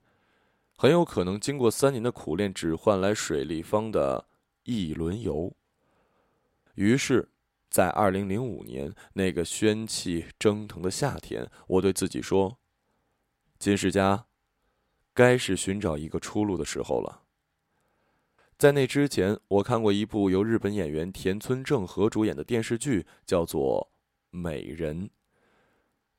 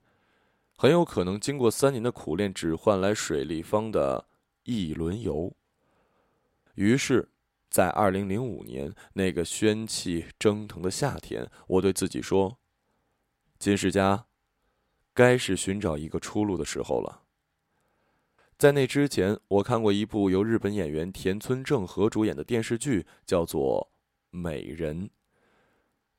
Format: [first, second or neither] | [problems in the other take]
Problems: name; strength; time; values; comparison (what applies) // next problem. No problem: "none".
neither | none